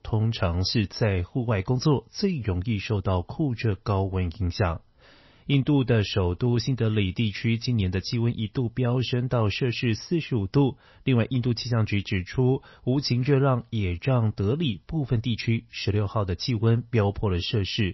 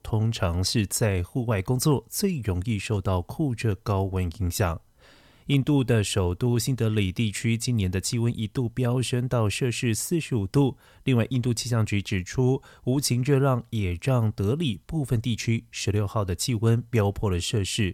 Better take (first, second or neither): second